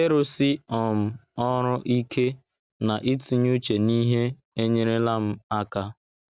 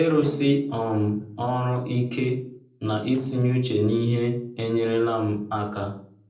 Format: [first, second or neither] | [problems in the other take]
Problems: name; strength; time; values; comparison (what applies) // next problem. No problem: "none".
first | noise reduction (neural separator model SepFormer DNS4)